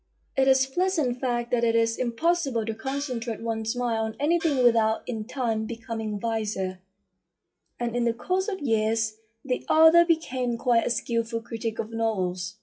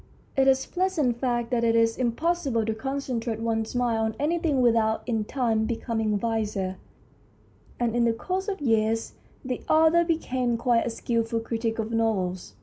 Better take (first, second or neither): second